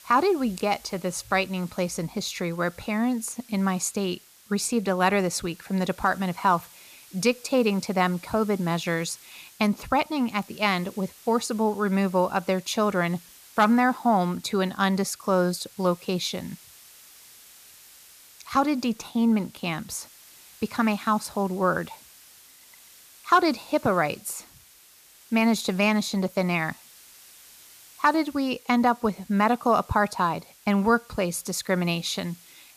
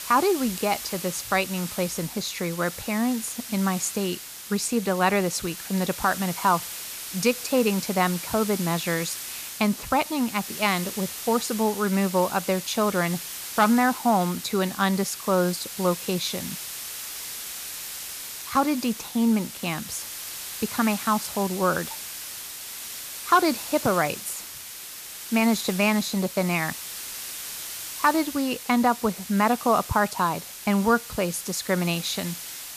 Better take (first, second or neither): first